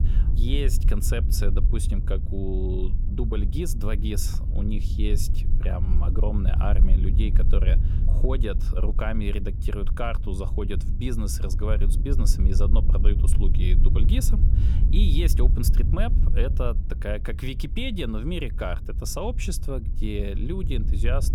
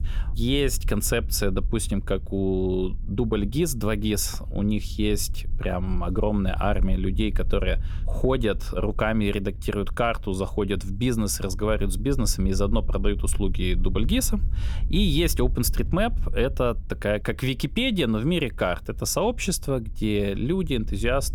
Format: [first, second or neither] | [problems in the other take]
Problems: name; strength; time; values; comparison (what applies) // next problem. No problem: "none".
second | low rumble; loud; throughout; 9 dB below the speech; faint in the second